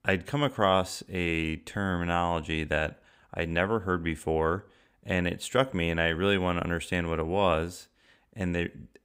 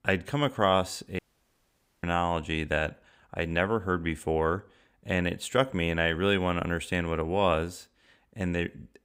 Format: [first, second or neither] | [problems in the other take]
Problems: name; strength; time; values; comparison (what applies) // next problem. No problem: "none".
first | audio cutting out; at 1 s for 1 s